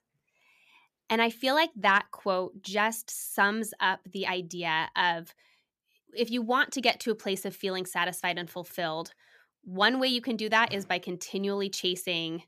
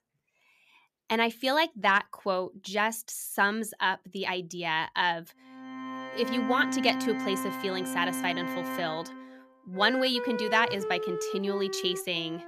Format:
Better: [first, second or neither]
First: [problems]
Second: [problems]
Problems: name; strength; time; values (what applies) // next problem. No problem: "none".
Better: first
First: none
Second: background music; loud; from 6 s on; 6 dB below the speech